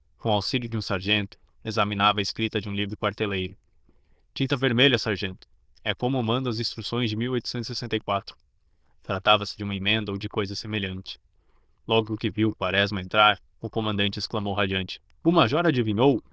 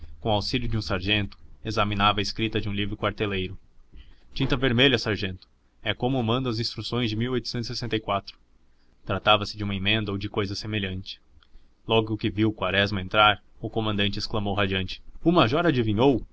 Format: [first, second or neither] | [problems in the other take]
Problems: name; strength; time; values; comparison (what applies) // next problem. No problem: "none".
second | noise reduction (neural diffusion model UNIVERSE++)